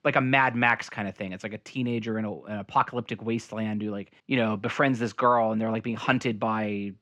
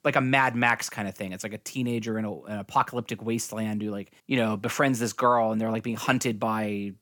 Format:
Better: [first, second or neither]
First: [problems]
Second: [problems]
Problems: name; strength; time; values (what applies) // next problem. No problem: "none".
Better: second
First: muffled; slightly; fading above 3 kHz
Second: none